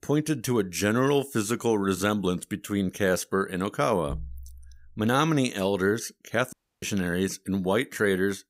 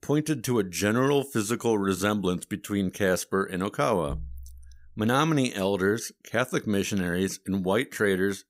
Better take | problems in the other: second | audio cutting out; at 6.5 s

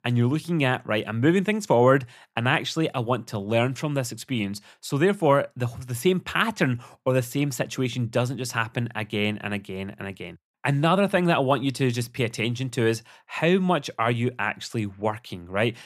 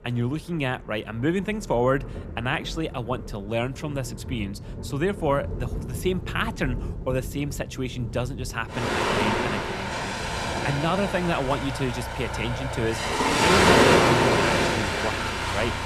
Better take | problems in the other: first | rain or running water; very loud; throughout; 4 dB above the speech

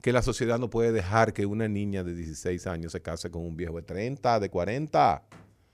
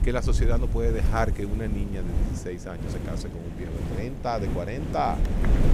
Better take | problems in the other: first | wind noise on the microphone; heavy; 8 dB below the speech

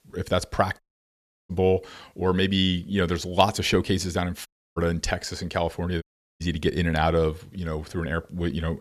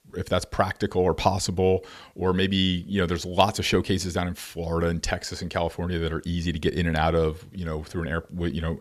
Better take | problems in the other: second | audio cutting out; at 1 s for 0.5 s, at 4.5 s and at 6 s

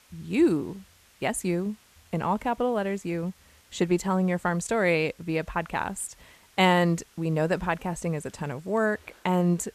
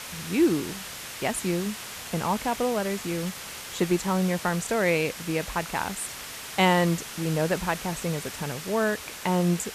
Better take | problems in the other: first | hiss; loud; throughout; 9 dB below the speech; faint in the first

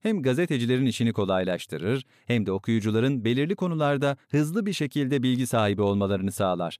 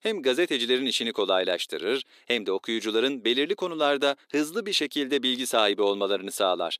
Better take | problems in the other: first | thin; somewhat; fading below 350 Hz

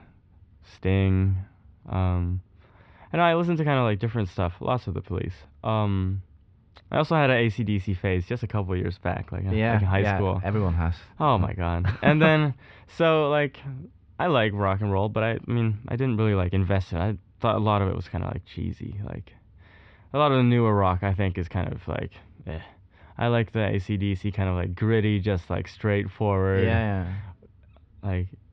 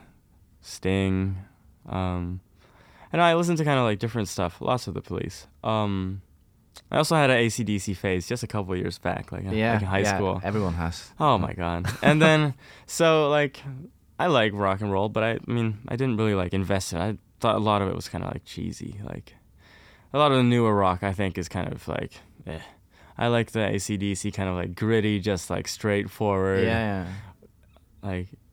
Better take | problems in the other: second | muffled; very; fading above 3.5 kHz

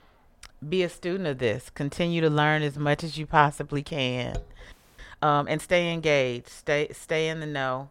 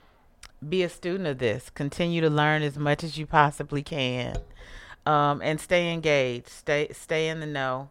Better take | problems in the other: second | audio freezing; at 4.5 s

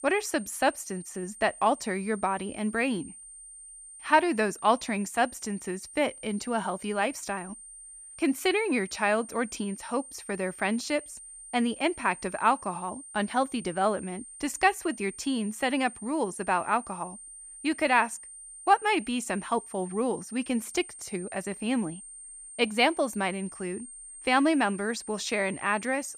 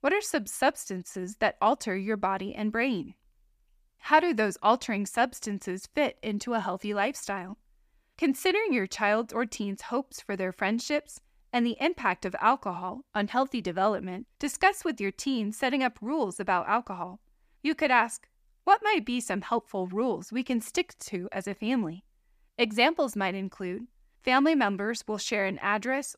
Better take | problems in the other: second | high-pitched whine; noticeable; throughout; 9 kHz, 15 dB below the speech

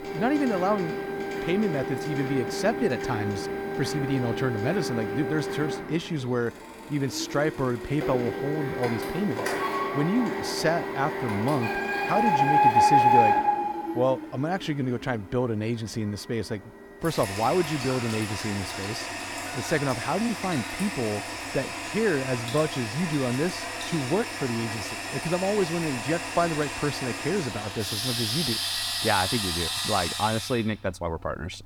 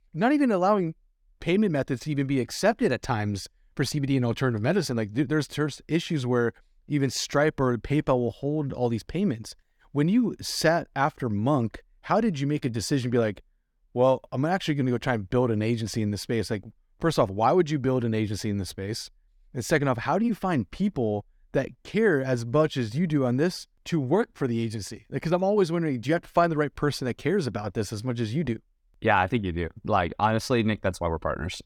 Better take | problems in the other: second | household noises; very loud; throughout; as loud as the speech

